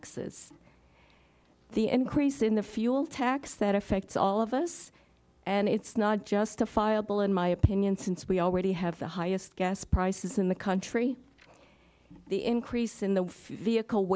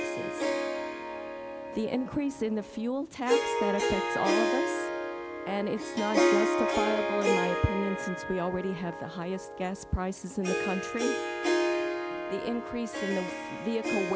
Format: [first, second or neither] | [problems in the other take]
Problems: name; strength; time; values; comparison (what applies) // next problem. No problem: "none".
first | background sound (Harp); 2 dB above the speech